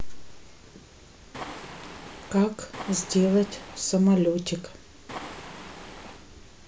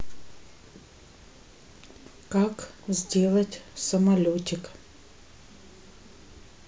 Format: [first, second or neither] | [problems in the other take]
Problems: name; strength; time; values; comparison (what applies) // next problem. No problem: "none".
second | background sound (Waves, surf); 13 dB below the speech